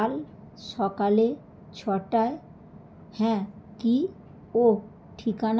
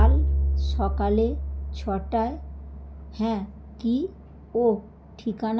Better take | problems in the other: first | background sound (Bowed string instrument); 1 dB above the speech

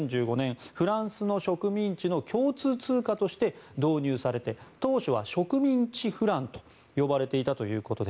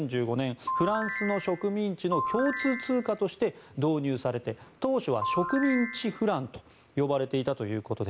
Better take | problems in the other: first | background sound (Ringtone / Chime); 5 dB below the speech

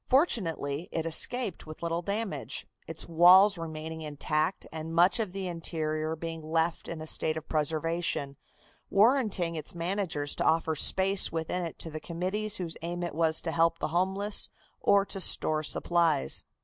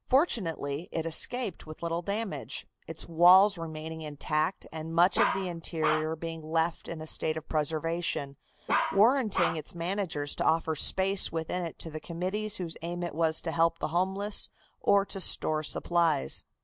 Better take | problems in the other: first | background sound (Bark); 2 dB below the speech

